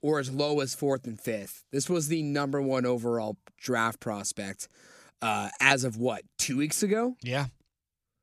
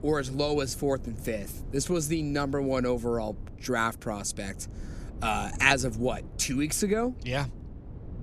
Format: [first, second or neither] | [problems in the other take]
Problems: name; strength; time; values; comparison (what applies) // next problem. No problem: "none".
first | wind noise on the microphone; occasional gusts; 25 dB below the speech